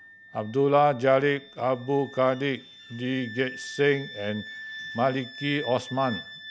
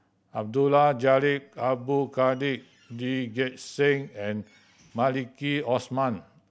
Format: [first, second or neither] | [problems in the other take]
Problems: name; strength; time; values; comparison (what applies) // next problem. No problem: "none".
second | background sound (Wind instrument, woodwind instrument); 15 dB below the speech